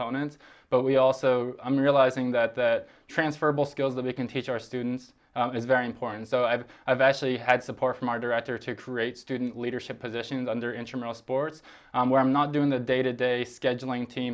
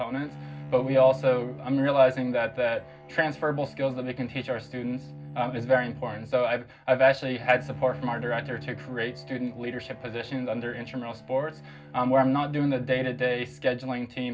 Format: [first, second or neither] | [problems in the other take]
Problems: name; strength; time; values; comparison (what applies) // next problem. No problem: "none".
first | background sound (Bowed string instrument); 15 dB below the speech // room echo; dies away in 0.4 s